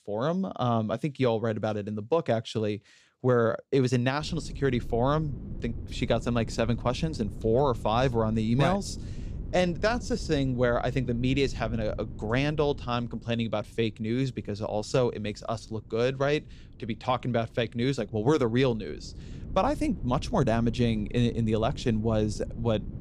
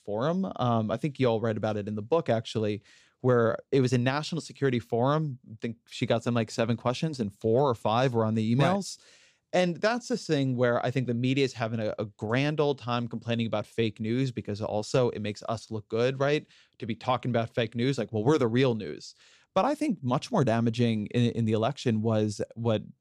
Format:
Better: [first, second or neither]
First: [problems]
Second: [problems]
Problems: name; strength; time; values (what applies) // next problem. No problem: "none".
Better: second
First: wind noise on the microphone; occasional gusts; from 4 s on; 20 dB below the speech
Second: none